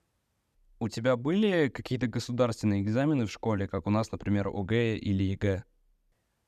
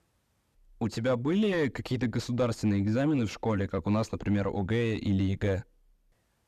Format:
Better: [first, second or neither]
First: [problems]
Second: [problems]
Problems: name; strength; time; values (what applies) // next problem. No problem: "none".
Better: first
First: none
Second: distortion; slight; 10 dB below the speech